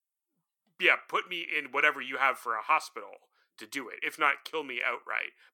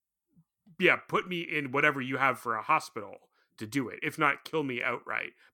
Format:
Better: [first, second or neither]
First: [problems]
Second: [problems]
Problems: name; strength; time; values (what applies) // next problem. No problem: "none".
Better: second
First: thin; somewhat; fading below 500 Hz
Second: none